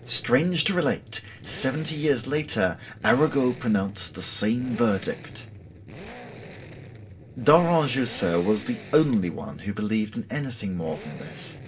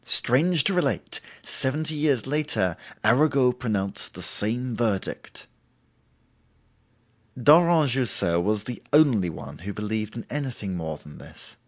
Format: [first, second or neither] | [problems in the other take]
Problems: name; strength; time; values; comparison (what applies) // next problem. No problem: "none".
second | background sound (Accelerating, revving, vroom); 16 dB below the speech // room echo; dies away in 0.2 s